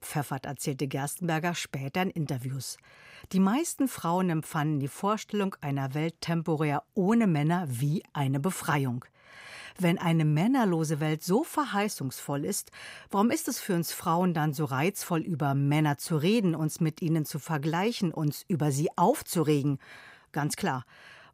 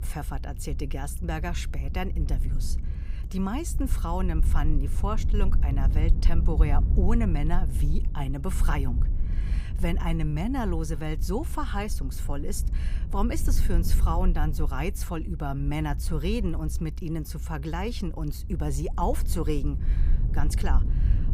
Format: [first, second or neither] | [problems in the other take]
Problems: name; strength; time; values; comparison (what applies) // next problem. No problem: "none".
first | low rumble; noticeable; throughout; 10 dB below the speech